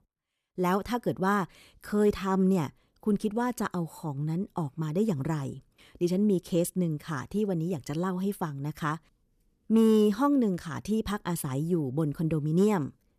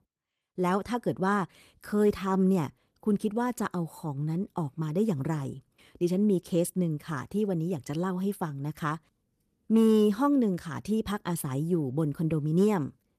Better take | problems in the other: first | garbled, watery; slightly; nothing above 14.5 kHz

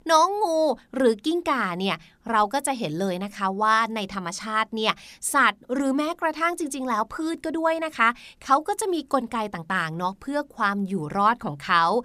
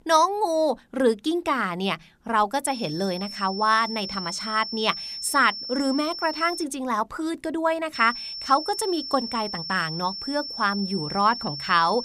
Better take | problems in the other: first | high-pitched whine; loud; from 2.5 to 6.5 s and from 8 s on; 5.5 kHz, 7 dB below the speech

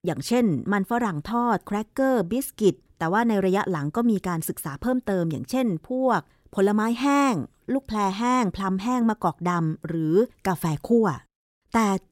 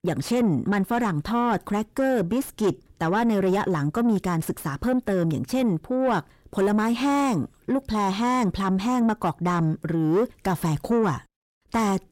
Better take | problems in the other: first | distortion; slight; 10 dB below the speech

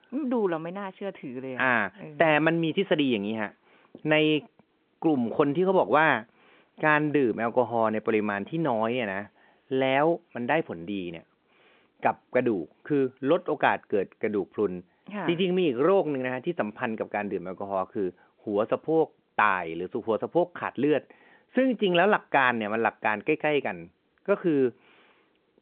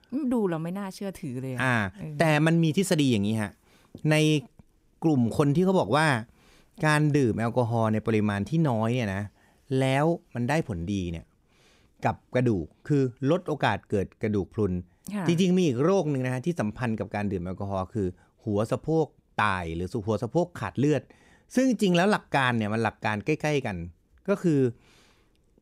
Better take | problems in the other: second | phone-call audio

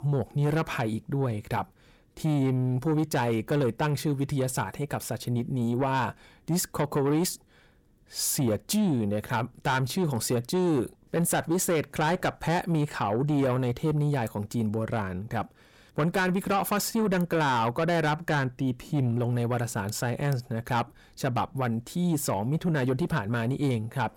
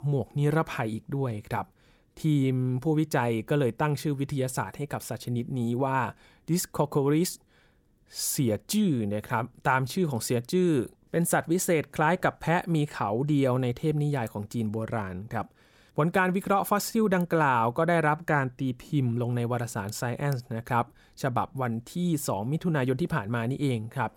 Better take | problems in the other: second | distortion; slight; 10 dB below the speech

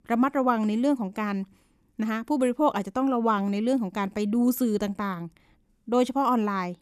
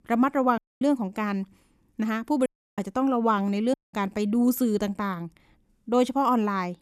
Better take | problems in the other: first | audio cutting out; at 0.5 s, at 2.5 s and at 3.5 s

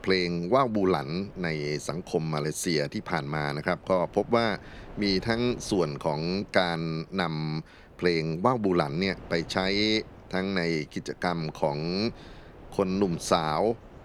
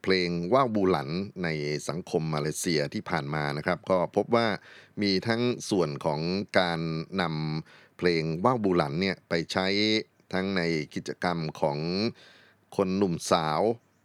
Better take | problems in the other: second | wind noise on the microphone; occasional gusts; 25 dB below the speech

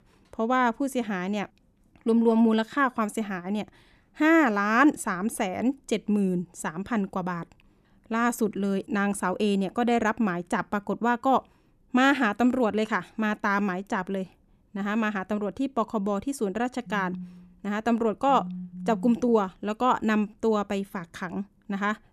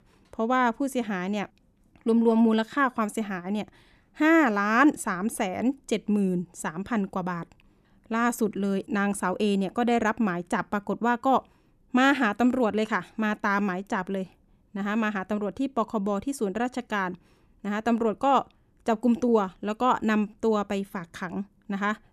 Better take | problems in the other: second | phone ringing; faint; from 17 to 19 s; peak 10 dB below the speech

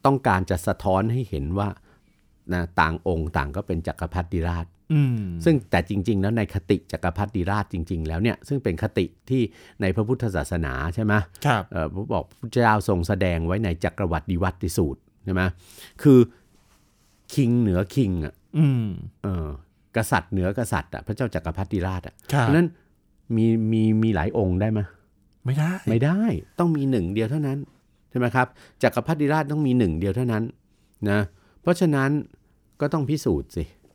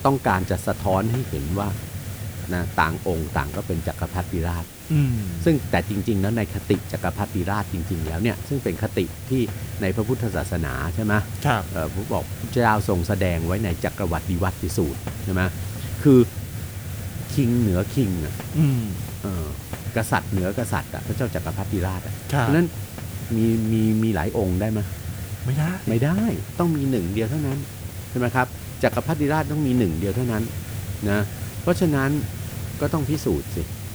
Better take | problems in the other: first | hiss; loud; throughout; 9 dB below the speech

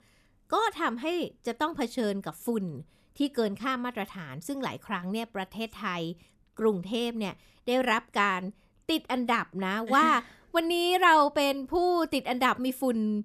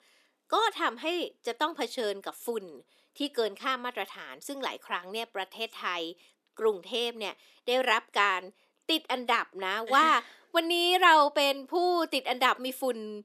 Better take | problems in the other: first | thin; somewhat; fading below 350 Hz

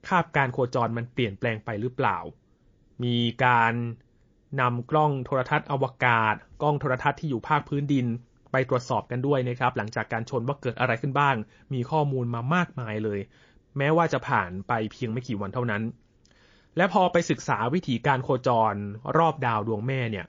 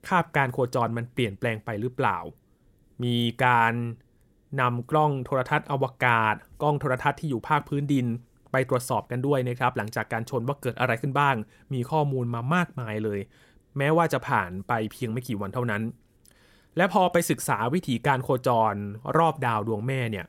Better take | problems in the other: second | garbled, watery; slightly; nothing above 6 kHz

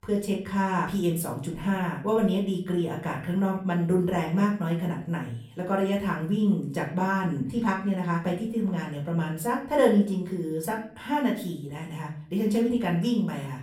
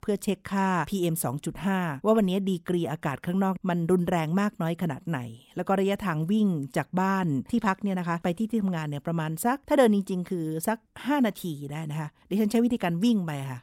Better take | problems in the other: second | off-mic speech; far // room echo; slight; dies away in 0.4 s

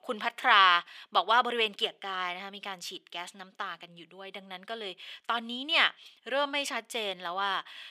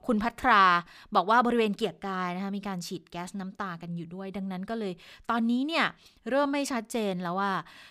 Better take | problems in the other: second | thin; somewhat; fading below 450 Hz

